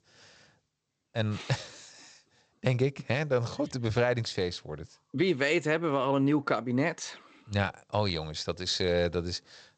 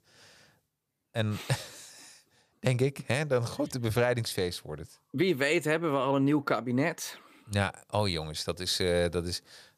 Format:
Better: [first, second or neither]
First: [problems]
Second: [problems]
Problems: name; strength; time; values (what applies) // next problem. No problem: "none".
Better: second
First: garbled, watery; slightly; nothing above 8 kHz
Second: none